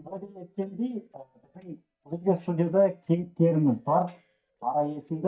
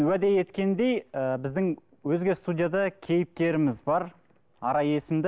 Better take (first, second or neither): second